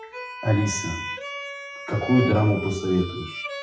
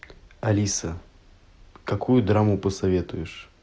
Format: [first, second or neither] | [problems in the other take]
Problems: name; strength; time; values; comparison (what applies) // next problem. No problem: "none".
second | noise reduction (classical method WPE with log-MMSE)